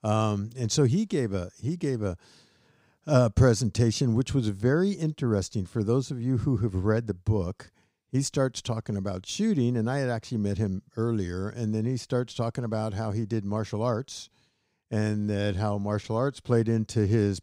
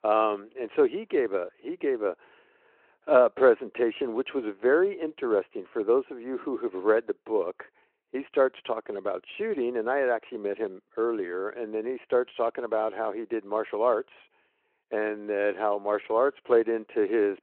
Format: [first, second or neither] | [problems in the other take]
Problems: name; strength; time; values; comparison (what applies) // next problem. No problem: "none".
first | phone-call audio